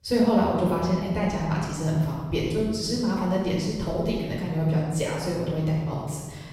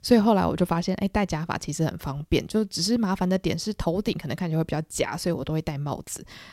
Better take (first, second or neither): second